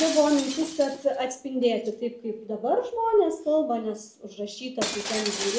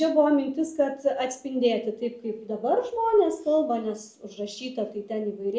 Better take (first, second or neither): second